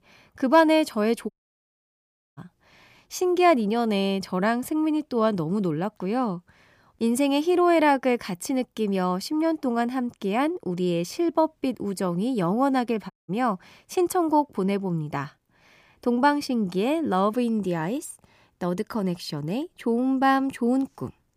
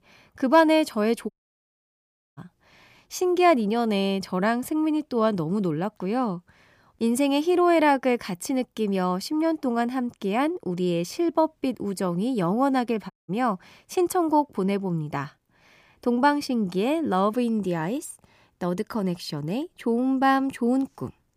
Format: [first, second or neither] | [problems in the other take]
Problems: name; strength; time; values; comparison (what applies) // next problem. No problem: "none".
neither | audio cutting out; at 1.5 s for 1 s and at 13 s; the same in both